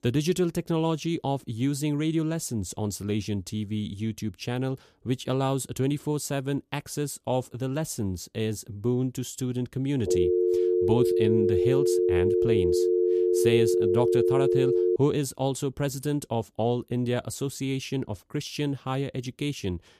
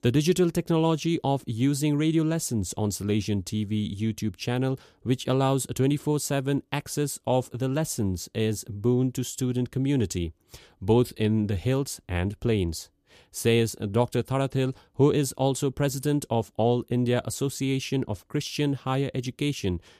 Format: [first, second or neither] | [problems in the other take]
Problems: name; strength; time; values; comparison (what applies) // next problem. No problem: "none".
second | phone ringing; loud; from 10 to 15 s; peak 6 dB above the speech